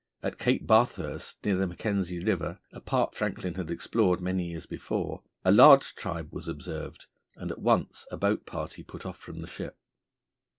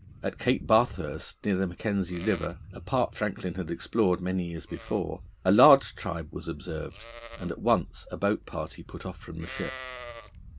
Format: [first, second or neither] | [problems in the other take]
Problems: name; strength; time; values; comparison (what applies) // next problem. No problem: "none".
first | background sound (Livestock, farm animals, working animals); 17 dB below the speech